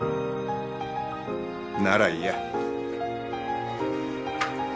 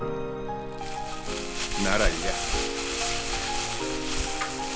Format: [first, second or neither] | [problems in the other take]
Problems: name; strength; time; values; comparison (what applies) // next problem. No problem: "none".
first | background sound (Crumpling, crinkling); 1 dB above the speech